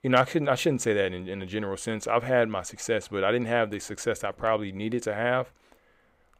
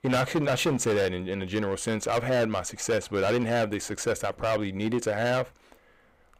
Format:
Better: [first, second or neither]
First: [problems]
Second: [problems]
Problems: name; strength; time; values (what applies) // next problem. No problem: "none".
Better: first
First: none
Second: distortion; heavy; 11% of the sound clipped